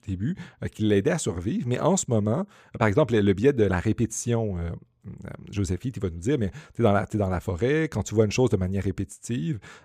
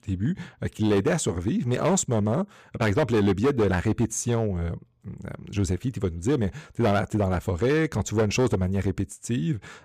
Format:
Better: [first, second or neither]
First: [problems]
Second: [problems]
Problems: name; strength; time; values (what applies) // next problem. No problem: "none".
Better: first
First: none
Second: distortion; slight; 7% of the sound clipped